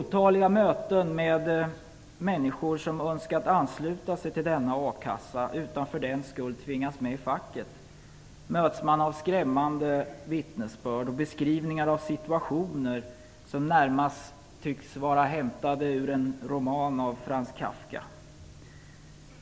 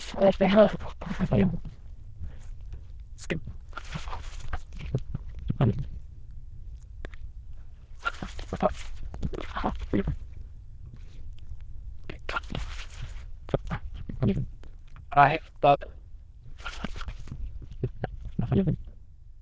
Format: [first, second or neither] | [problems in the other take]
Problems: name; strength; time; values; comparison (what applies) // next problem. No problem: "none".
first | noise reduction (neural diffusion model UNIVERSE++)